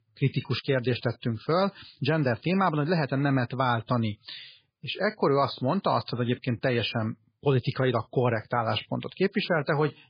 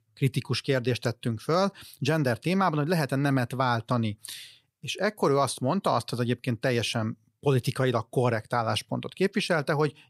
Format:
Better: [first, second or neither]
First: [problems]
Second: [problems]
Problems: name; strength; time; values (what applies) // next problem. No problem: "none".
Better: second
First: garbled, watery; badly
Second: none